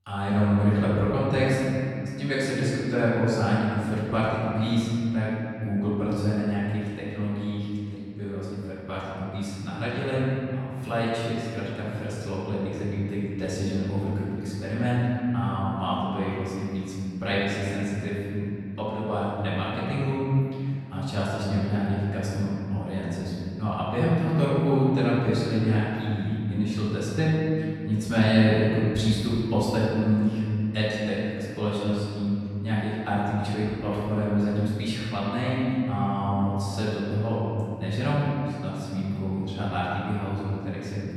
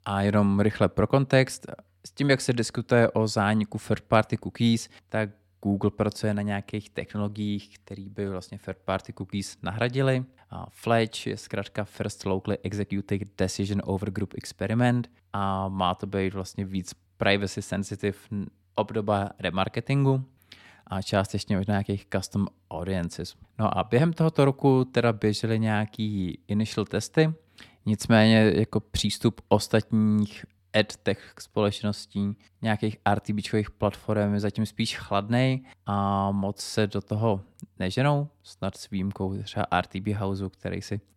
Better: second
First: off-mic speech; far // room echo; strong; dies away in 2.9 s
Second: none

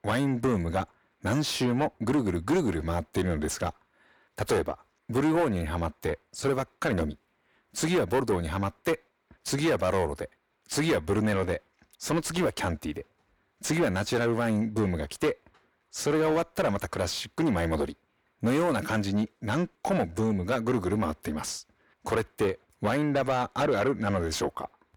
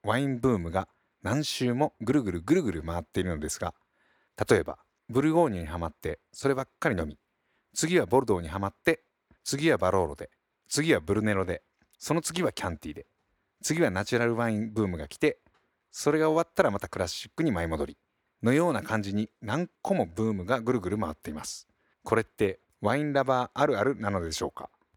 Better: second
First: distortion; heavy; 7 dB below the speech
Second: none

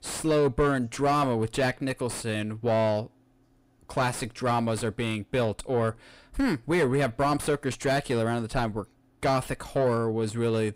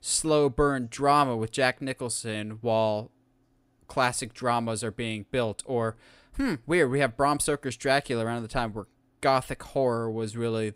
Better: second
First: distortion; heavy; 7 dB below the speech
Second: none

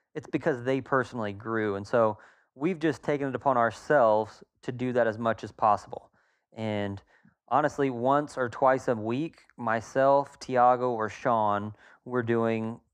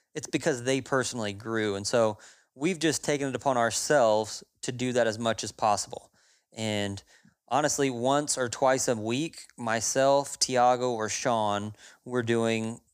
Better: second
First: muffled; very; fading above 3.5 kHz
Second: none

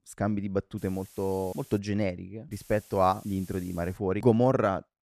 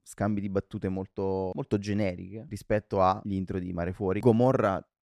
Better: second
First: hiss; faint; from 1 to 2 s and from 2.5 to 4 s; 25 dB below the speech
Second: none

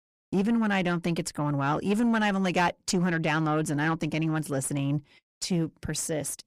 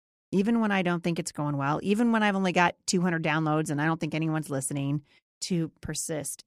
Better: second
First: distortion; slight; 10 dB below the speech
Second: none

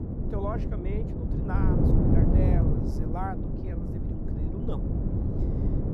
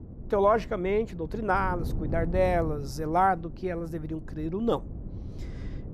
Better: second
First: wind noise on the microphone; heavy; 3 dB above the speech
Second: wind noise on the microphone; occasional gusts; 20 dB below the speech

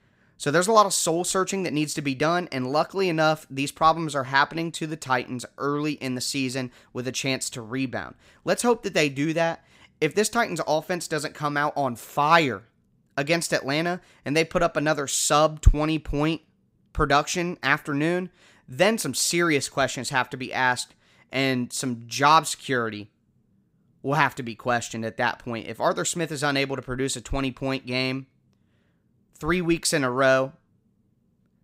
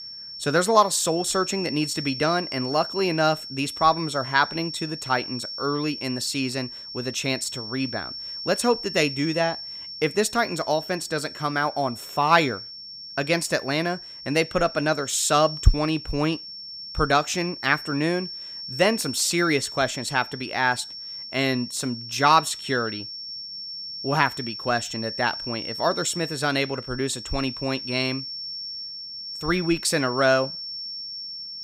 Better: first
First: none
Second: high-pitched whine; loud; throughout; 5.5 kHz, 9 dB below the speech

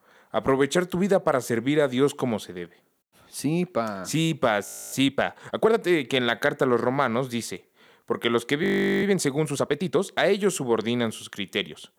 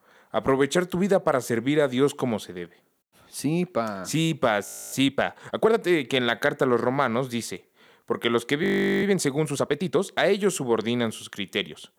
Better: neither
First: audio freezing; at 4.5 s and at 8.5 s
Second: audio freezing; at 4.5 s and at 8.5 s

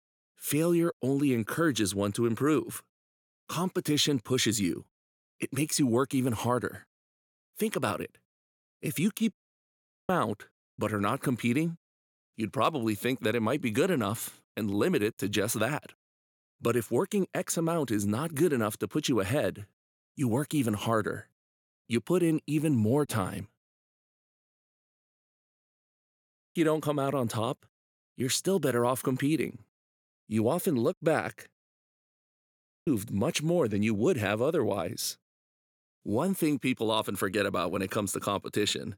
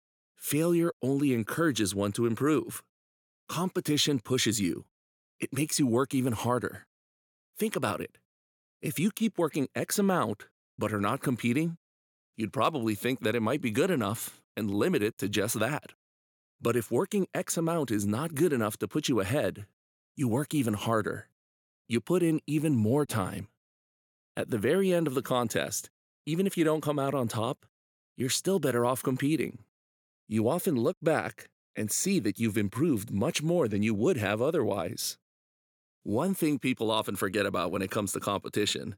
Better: second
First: audio cutting out; at 9.5 s for 1 s, at 24 s for 2.5 s and at 32 s for 1.5 s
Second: none

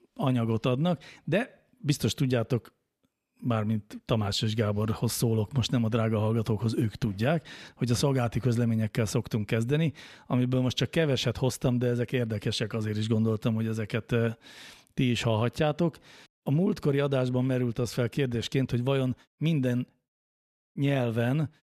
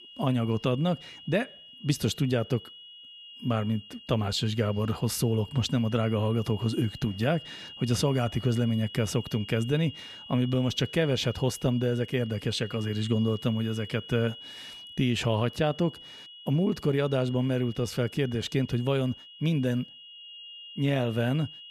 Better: first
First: none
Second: high-pitched whine; noticeable; throughout; 3 kHz, 15 dB below the speech

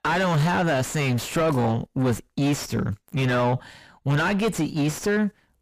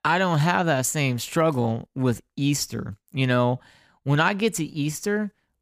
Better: second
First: distortion; heavy; 4 dB below the speech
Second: none

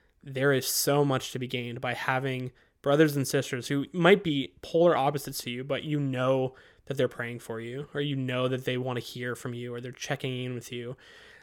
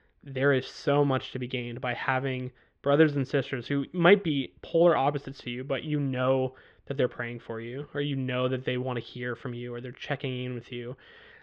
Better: first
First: none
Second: muffled; very; fading above 3.5 kHz

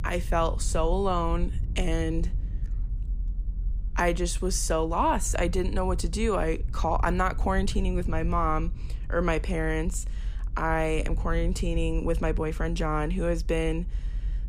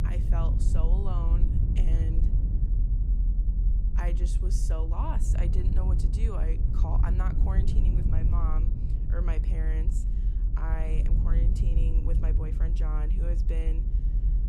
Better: first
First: low rumble; faint; throughout; 25 dB below the speech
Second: low rumble; loud; throughout; 3 dB below the speech

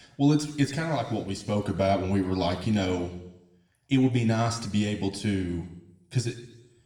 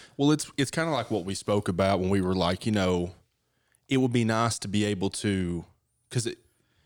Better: second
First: room echo; slight; dies away in 0.8 s // off-mic speech; somewhat distant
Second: none

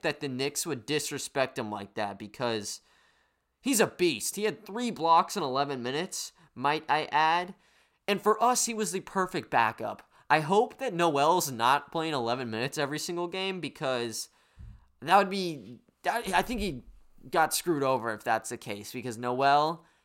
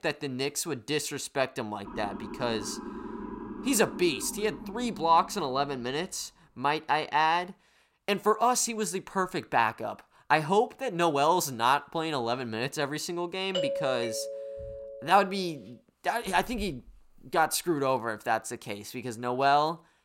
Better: first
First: none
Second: siren; faint; from 2 to 6 s; peak 10 dB below the speech // doorbell; noticeable; from 14 to 15 s; peak 2 dB below the speech

